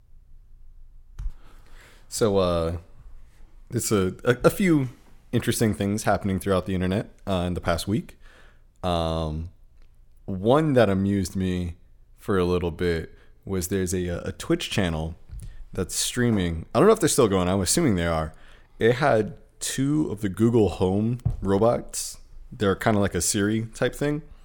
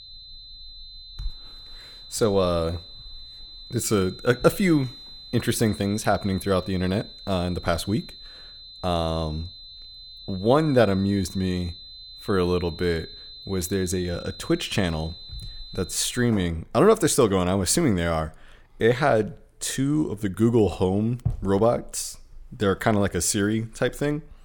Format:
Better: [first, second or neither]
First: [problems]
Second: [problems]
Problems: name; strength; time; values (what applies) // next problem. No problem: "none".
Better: first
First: none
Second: high-pitched whine; noticeable; until 16 s; 4 kHz, 15 dB below the speech